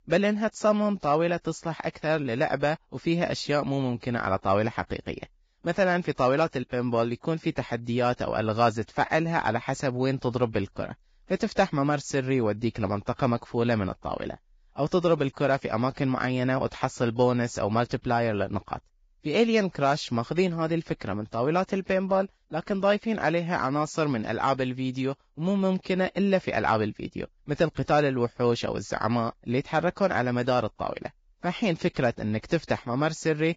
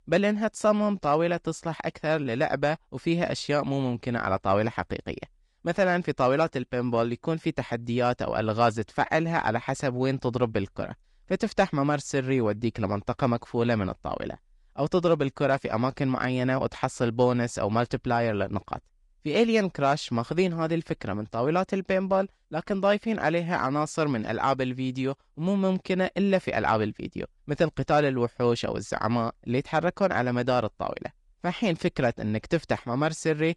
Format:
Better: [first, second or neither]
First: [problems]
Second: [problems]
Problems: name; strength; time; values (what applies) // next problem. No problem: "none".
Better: second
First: garbled, watery; badly; nothing above 7.5 kHz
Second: garbled, watery; slightly; nothing above 10 kHz